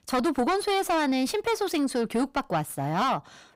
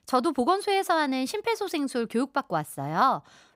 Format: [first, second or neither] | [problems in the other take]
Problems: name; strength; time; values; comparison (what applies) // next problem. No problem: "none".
second | distortion; heavy; 7 dB below the speech